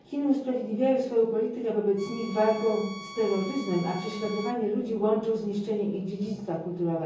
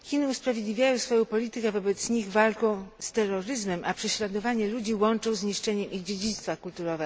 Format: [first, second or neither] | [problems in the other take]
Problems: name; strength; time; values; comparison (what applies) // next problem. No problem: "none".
second | background sound (Bowed string instrument); 16 dB below the speech // room echo; dies away in 0.7 s